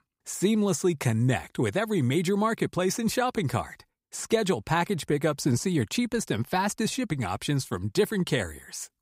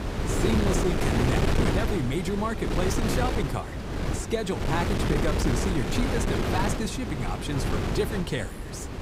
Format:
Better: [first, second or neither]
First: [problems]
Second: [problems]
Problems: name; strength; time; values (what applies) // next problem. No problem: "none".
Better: first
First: none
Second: wind noise on the microphone; heavy; as loud as the speech